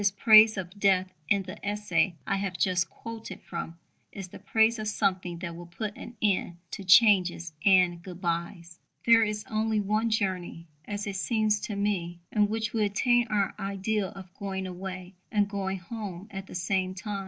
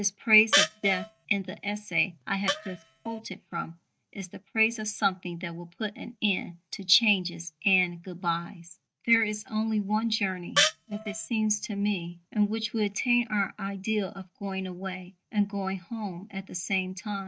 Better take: first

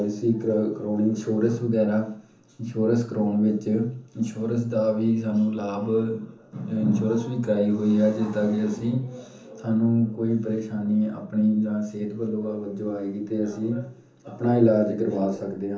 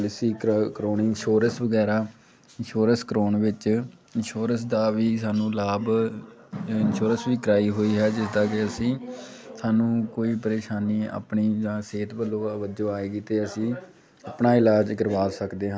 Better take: second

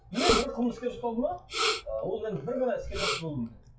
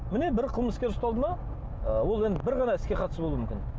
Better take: second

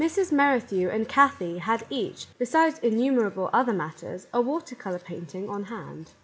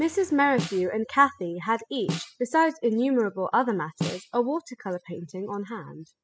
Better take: first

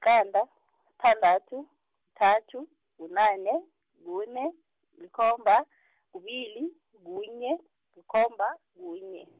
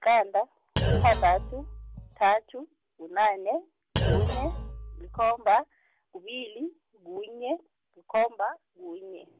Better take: first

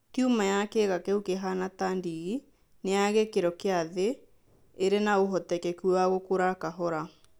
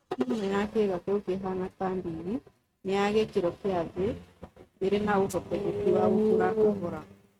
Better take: first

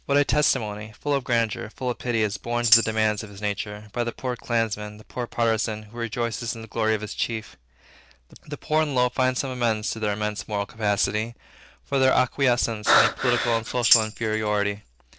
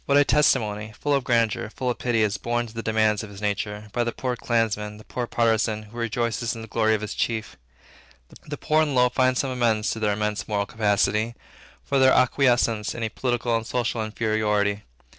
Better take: second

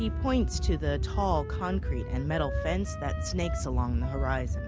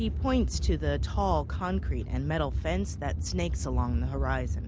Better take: second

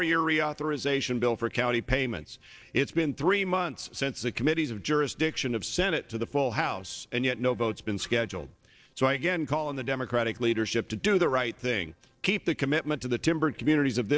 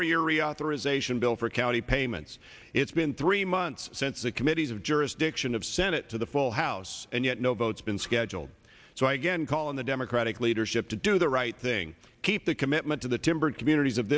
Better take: second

